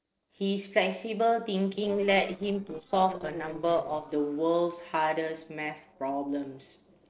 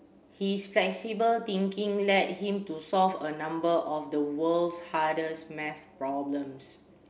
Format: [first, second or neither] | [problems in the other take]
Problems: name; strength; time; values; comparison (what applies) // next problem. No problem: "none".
second | noise reduction (neural separator model SepFormer DNS4)